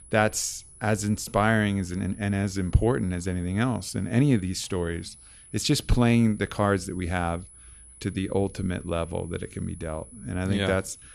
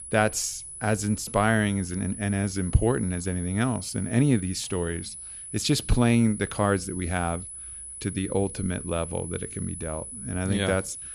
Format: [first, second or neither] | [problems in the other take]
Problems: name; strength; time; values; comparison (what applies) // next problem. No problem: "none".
first | high-pitched whine; loud; throughout; 10 kHz, 10 dB below the speech; faint in the first